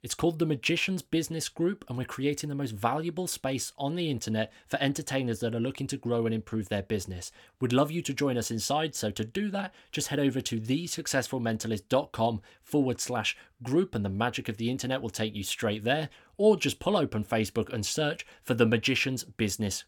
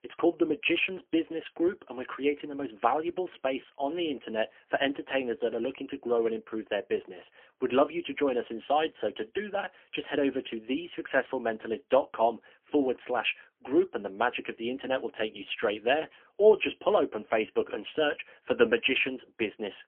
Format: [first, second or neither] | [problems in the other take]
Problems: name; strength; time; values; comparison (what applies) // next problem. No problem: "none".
first | phone-call audio; poor line; nothing above 3 kHz